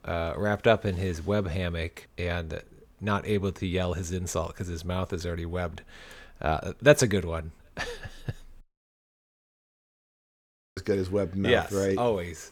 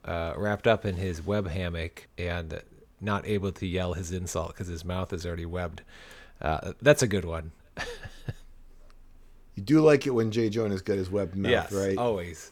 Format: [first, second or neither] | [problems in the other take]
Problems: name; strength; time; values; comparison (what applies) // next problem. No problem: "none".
second | audio cutting out; at 8.5 s for 2 s